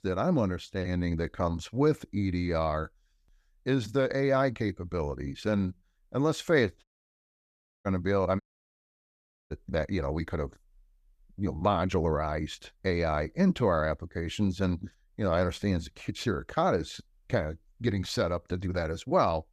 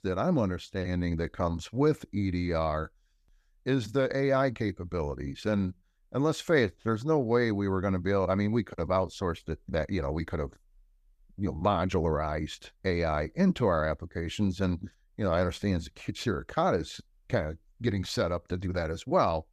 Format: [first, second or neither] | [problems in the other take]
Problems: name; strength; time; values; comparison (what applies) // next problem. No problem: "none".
second | audio cutting out; at 7 s for 1 s and at 8.5 s for 1 s